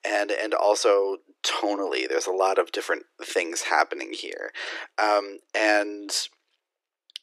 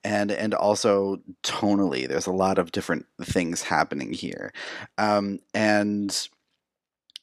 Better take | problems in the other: second | thin; very; fading below 350 Hz

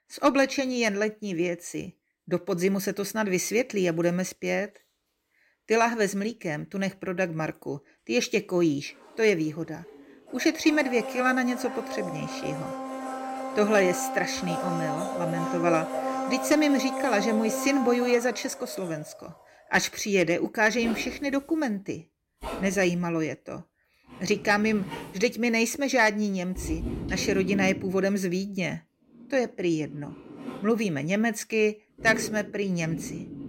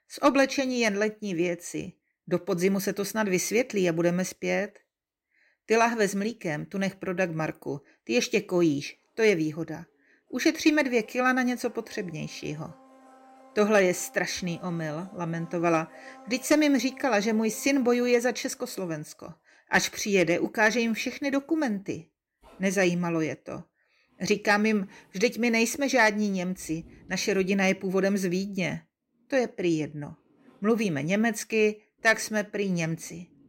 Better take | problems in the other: second | household noises; loud; throughout; 8 dB below the speech; faint in the second

